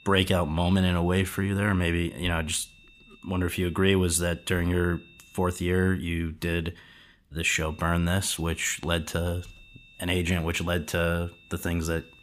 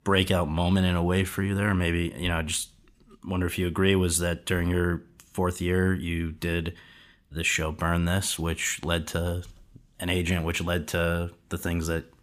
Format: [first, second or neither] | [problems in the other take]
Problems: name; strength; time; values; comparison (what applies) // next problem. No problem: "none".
second | high-pitched whine; faint; until 6 s and from 7.5 s on; 2.5 kHz, 25 dB below the speech